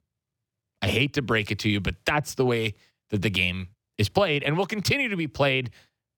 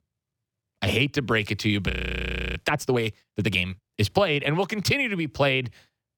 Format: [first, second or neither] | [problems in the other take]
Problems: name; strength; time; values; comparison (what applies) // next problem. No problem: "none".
first | audio freezing; at 2 s for 0.5 s